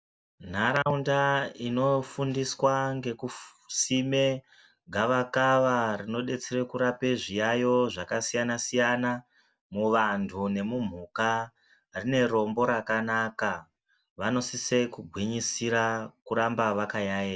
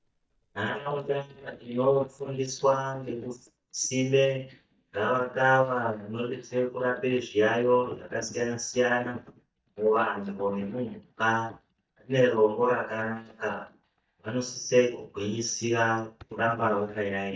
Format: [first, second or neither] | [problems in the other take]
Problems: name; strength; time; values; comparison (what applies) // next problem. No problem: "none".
first | noise reduction (neural mask model DeepFilterNet 3)